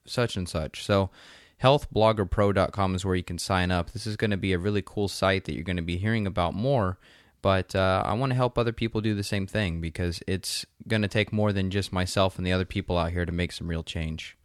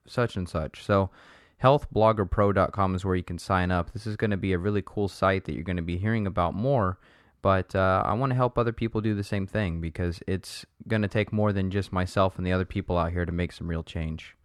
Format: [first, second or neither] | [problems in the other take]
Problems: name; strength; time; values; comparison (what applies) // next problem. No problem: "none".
first | muffled; slightly; fading above 2.5 kHz